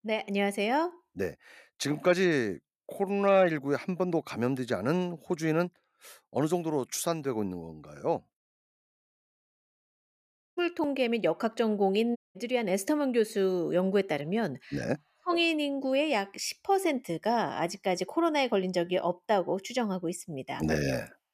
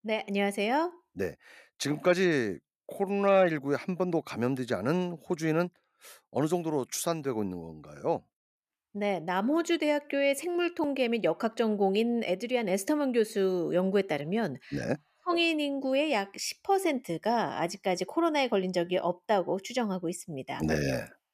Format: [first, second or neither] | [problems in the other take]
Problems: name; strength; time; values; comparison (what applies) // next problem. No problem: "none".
second | audio cutting out; at 8.5 s for 2 s and at 12 s